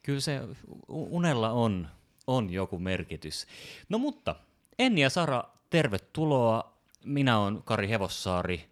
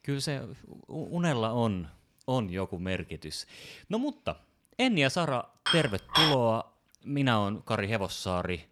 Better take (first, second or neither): first